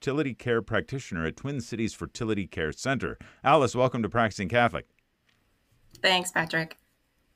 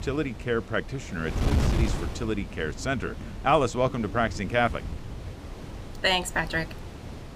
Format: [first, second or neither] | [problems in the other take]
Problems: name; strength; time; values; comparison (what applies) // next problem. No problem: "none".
first | wind noise on the microphone; occasional gusts; 15 dB below the speech